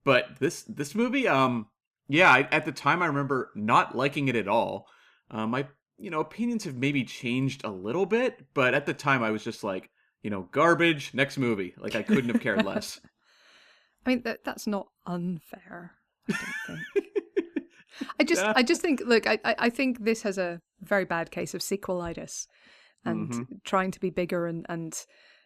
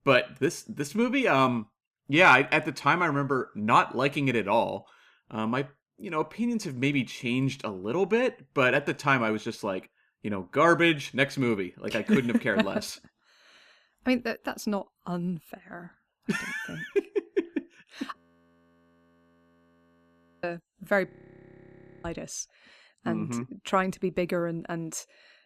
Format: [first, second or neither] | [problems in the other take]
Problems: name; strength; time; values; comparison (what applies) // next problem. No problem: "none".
first | audio freezing; at 18 s for 2.5 s and at 21 s for 1 s